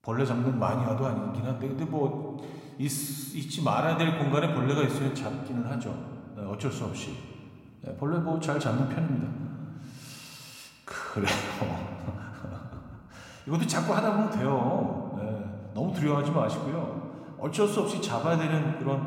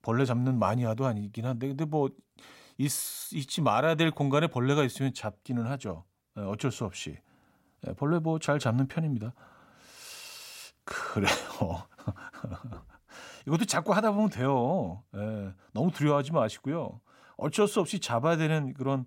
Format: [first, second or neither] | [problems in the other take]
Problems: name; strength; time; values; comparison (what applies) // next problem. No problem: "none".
second | room echo; slight; dies away in 1.7 s